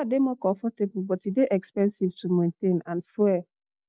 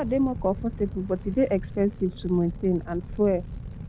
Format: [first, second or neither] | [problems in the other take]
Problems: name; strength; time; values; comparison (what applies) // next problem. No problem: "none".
first | background sound (Fire); 11 dB below the speech